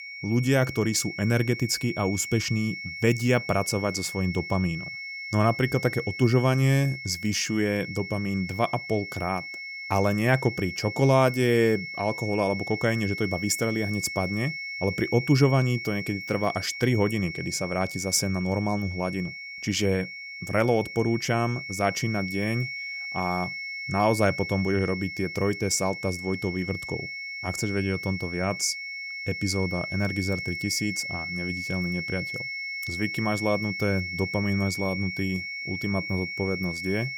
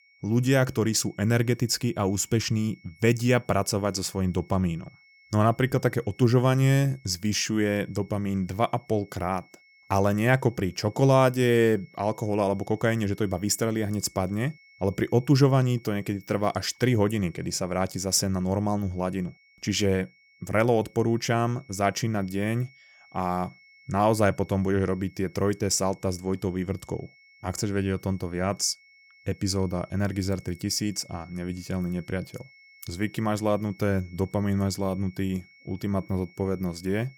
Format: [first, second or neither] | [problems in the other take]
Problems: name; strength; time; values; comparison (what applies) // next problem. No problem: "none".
second | high-pitched whine; loud; throughout; 2 kHz, 7 dB below the speech; faint in the second